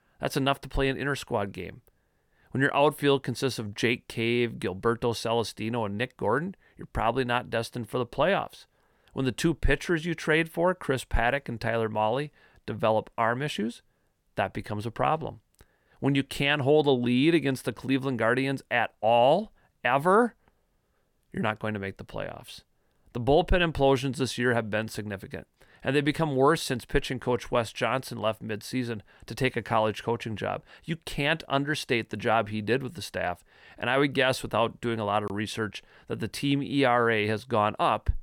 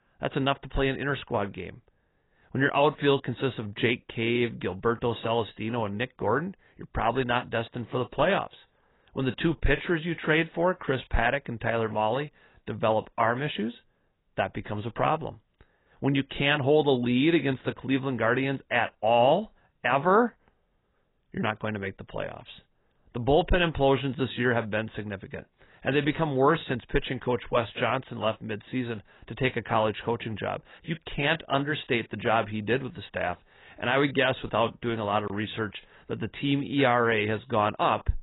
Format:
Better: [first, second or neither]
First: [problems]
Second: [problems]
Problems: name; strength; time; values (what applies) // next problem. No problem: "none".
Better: first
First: none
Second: garbled, watery; badly; nothing above 4 kHz